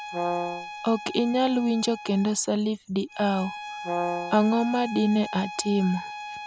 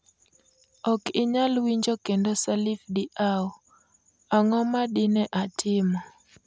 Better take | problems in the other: second | background sound (Bowed string instrument + Brass instrument); 8 dB below the speech

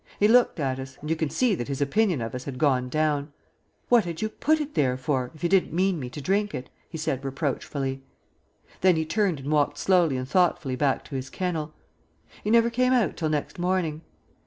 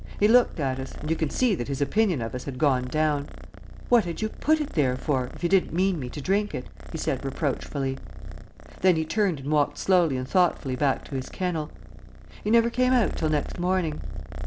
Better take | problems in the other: first | background sound (Purr); 10 dB below the speech

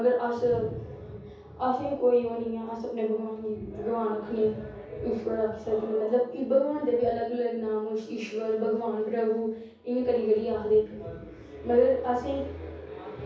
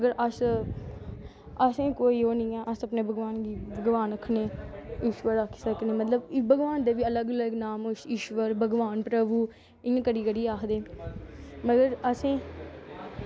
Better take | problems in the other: second | room echo; dies away in 0.6 s

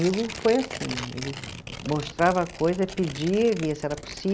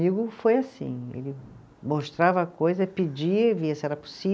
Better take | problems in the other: second | background sound (Tearing); 12 dB below the speech

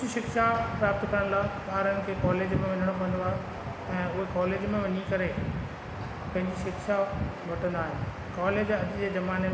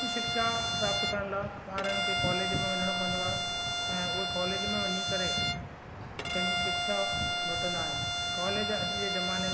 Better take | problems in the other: first | background sound (Bowed string instrument); 2 dB above the speech

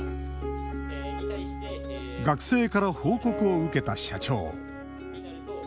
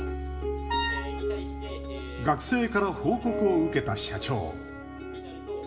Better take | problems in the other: first | background sound (Wind instrument, woodwind instrument); 3 dB below the speech // room echo; dies away in 1.3 s

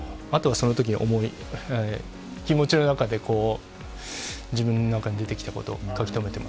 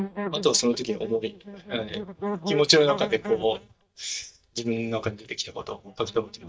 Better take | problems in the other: first | noise reduction (neural mask model DeepFilterNet 3)

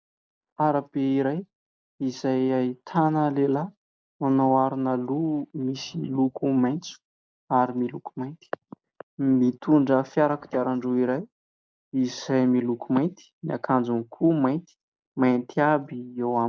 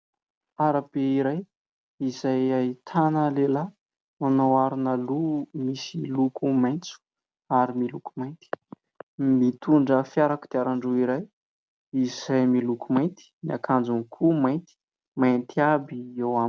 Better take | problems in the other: second | noise reduction (neural mask model Resemble Enhance denoiser)

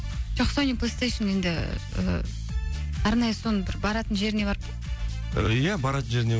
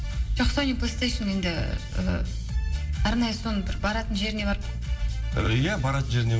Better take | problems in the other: first | background sound (Wind / Boat, Water vehicle); 15 dB below the speech // room echo; dies away in 1.5 s

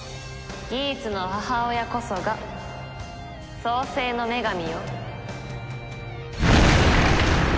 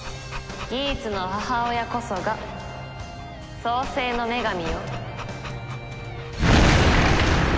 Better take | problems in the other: first | background sound (Dog); 16 dB below the speech

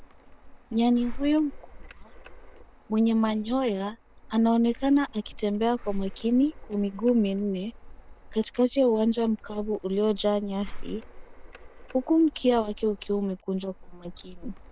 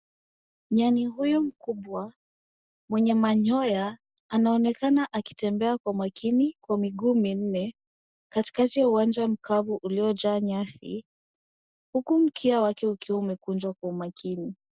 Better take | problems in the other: second | noise reduction (neural separator model SepFormer WHAM!)

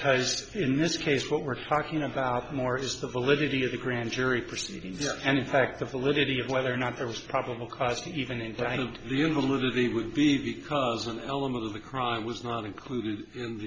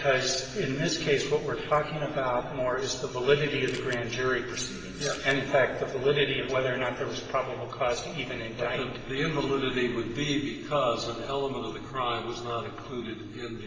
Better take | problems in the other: first | background sound (Camera); 15 dB below the speech // room echo; dies away in 2.5 s

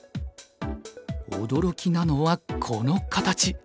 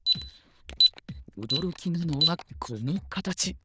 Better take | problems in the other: first | noise reduction (neural diffusion model UNIVERSE++)

